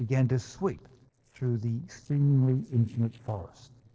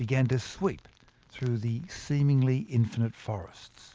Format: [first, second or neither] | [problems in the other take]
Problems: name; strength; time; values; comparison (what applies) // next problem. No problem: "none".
second | noise reduction (neural separator model SepFormer DNS4)